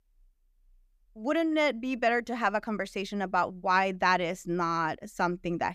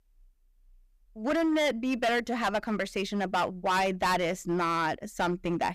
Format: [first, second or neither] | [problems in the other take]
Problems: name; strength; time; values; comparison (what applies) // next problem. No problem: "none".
first | distortion; heavy; 11% of the sound clipped